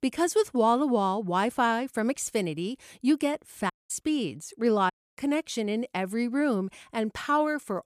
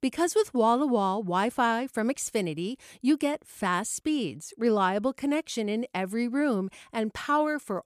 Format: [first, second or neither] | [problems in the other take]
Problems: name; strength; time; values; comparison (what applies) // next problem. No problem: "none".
second | audio cutting out; at 3.5 s and at 5 s